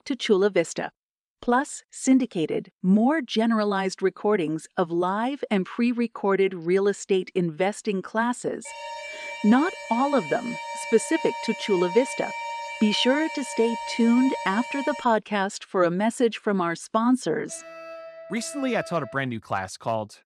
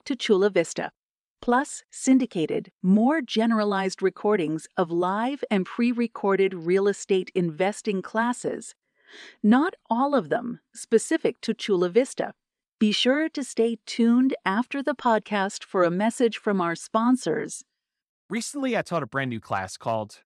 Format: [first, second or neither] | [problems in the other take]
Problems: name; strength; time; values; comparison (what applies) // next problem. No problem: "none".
second | alarm; noticeable; from 8.5 to 15 s; peak 7 dB below the speech // alarm; faint; from 17 to 19 s; peak 15 dB below the speech